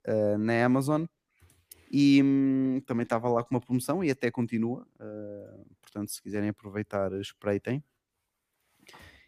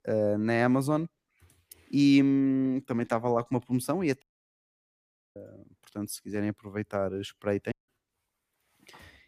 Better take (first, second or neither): first